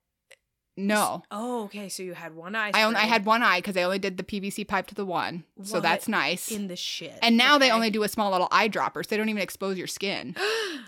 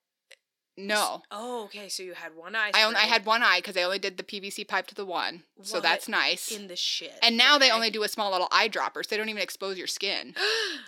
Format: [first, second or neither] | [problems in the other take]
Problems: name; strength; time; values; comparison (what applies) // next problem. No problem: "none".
first | thin; somewhat; fading below 350 Hz